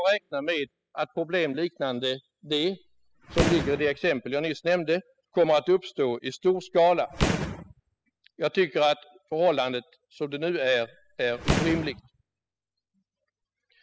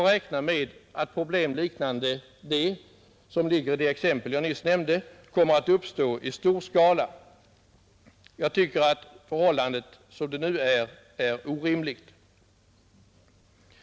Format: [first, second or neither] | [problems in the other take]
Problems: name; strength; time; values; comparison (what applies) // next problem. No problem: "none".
second | noise reduction (classical method spectral subtraction)